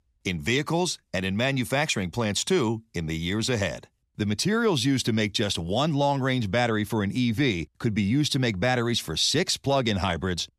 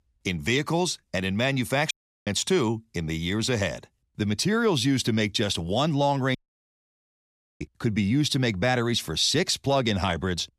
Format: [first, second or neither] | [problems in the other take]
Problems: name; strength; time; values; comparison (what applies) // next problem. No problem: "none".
first | audio cutting out; at 2 s and at 6.5 s for 1.5 s